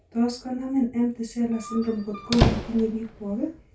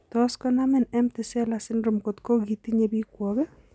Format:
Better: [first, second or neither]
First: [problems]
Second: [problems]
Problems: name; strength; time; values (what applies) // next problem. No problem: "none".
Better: second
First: background sound (Squeak); 2 dB below the speech // room echo; dies away in 0.2 s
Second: none